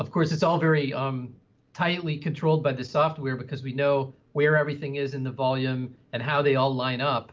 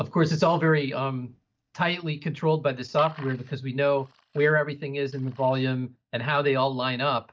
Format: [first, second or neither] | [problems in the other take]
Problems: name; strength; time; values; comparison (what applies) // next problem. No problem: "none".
first | noise reduction (neural mask model DeepFilterNet 3)